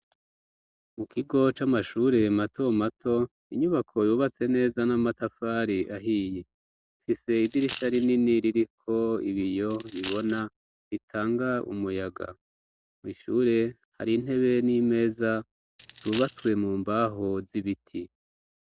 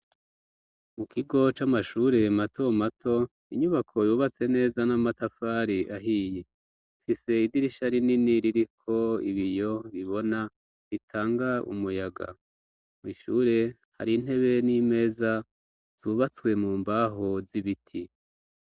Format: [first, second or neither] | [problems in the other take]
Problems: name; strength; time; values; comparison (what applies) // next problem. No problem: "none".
second | background sound (Coin (dropping)); 15 dB below the speech